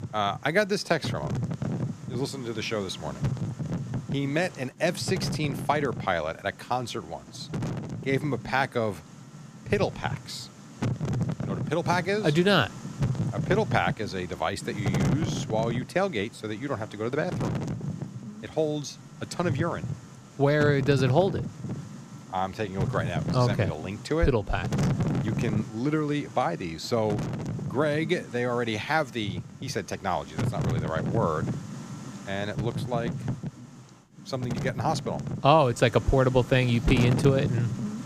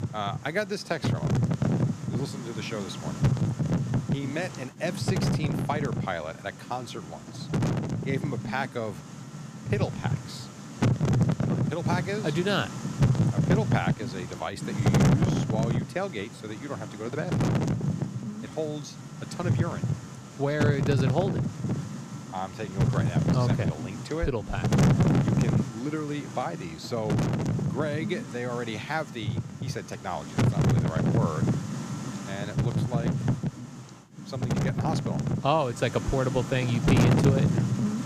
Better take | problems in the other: first | wind noise on the microphone; heavy; 2 dB below the speech; occasional gusts in the first

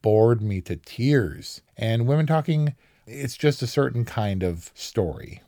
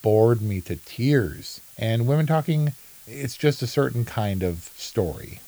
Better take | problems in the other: first | hiss; noticeable; throughout; 20 dB below the speech

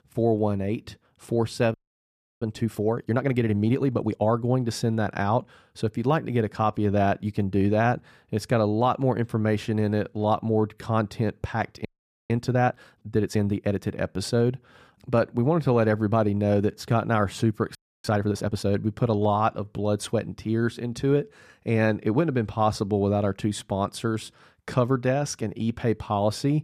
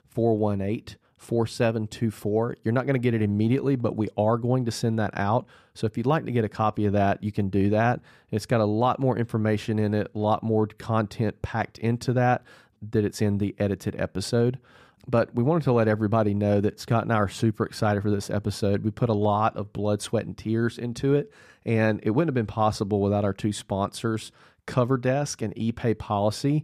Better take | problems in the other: second | audio freezing; at 1.5 s for 0.5 s, at 12 s and at 18 s

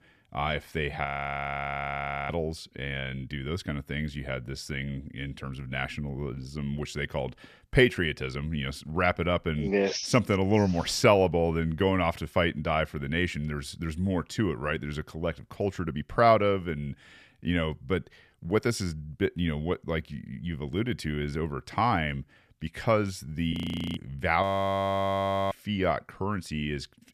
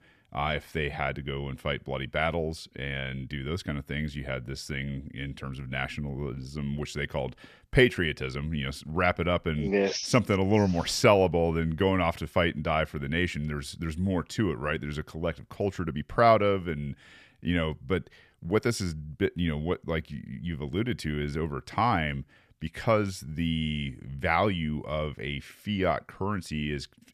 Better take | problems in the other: second | audio freezing; at 1 s for 1 s and at 24 s for 1 s

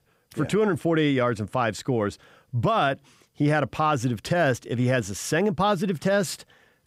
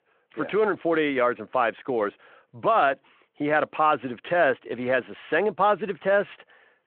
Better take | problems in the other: first | phone-call audio

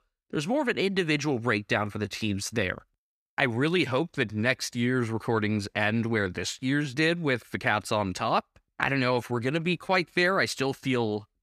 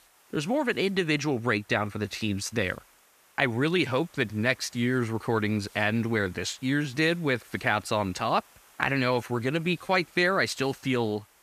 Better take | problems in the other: first | hiss; faint; throughout; 30 dB below the speech

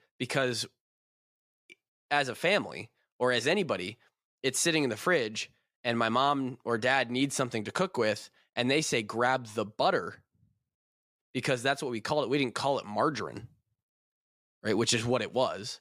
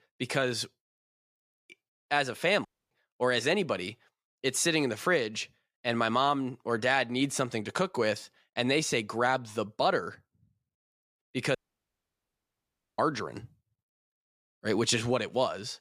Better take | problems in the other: first | audio cutting out; at 2.5 s and at 12 s for 1.5 s

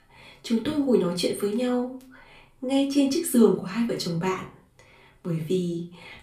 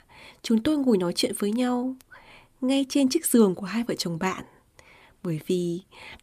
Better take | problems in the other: second | off-mic speech; far // room echo; slight; dies away in 0.3 s

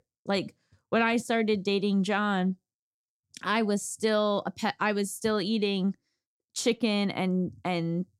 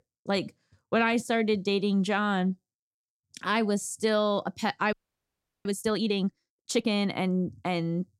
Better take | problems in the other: first | audio freezing; at 5 s for 0.5 s

